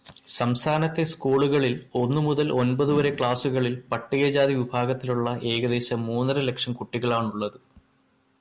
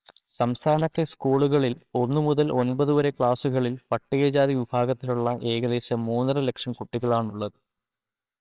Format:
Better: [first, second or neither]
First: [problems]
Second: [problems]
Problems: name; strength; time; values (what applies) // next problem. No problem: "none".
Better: first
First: none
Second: noise reduction (neural separator model SepFormer WHAMR!)